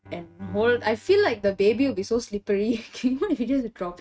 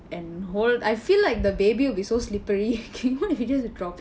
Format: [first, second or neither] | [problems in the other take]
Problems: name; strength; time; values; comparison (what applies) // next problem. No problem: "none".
second | noise reduction (neural mask model RNNoise)